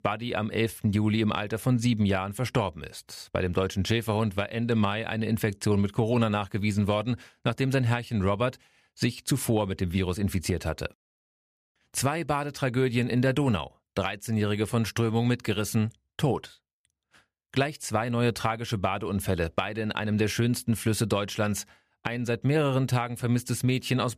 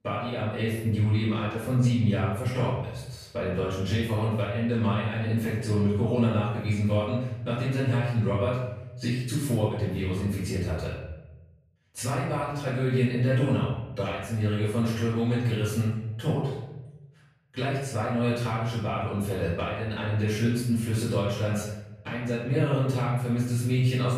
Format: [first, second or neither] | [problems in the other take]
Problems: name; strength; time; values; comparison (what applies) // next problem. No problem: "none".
first | off-mic speech; far // room echo; noticeable; dies away in 1 s